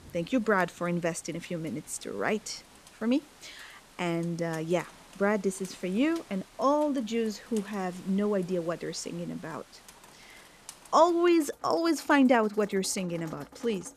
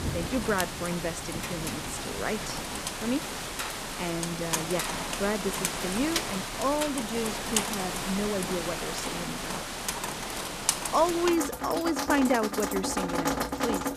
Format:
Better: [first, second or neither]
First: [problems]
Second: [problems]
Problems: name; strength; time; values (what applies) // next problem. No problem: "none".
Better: first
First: rain or running water; faint; throughout; 20 dB below the speech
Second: rain or running water; loud; throughout; as loud as the speech